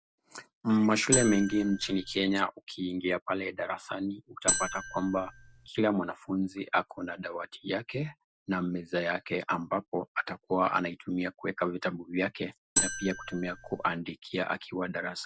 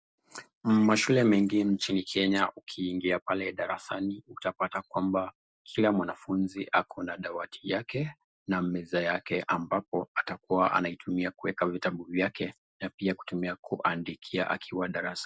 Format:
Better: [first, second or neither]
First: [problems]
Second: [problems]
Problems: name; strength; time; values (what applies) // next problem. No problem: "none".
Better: second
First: background sound (Marimba, xylophone); as loud as the speech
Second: none